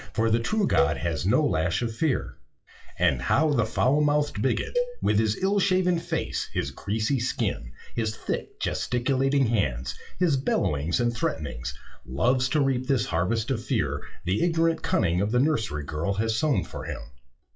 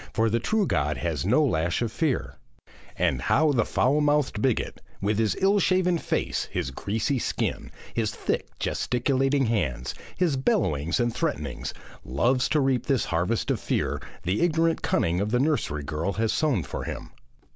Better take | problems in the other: second | noise reduction (classical method WPE with log-MMSE)

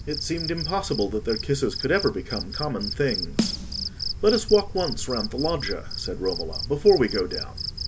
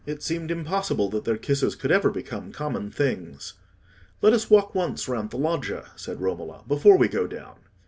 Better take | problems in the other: second | background sound (Snare drum + Cricket); 6 dB below the speech

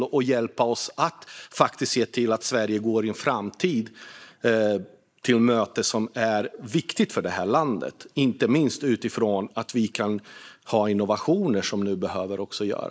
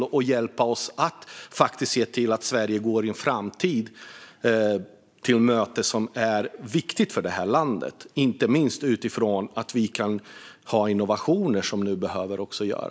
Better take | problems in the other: second | noise reduction (neural mask model Resemble Enhance denoiser)

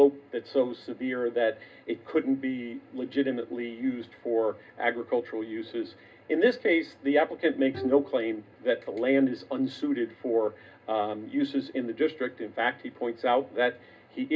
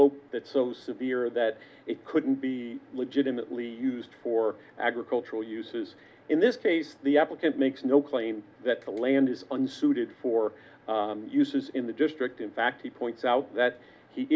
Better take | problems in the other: second | background sound (Bowed string instrument); 17 dB below the speech // room echo; dies away in 0.2 s

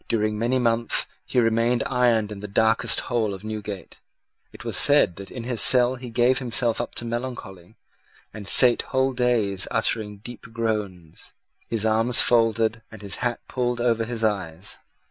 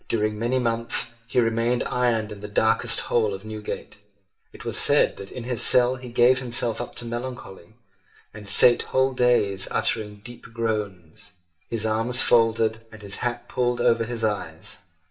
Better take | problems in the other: first | room echo; dies away in 0.4 s

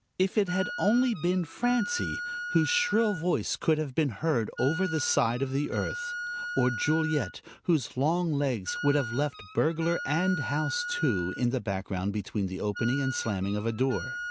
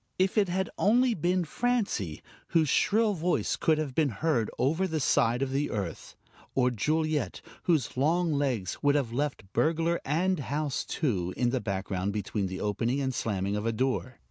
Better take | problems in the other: second | background sound (Wind instrument, woodwind instrument); 10 dB below the speech

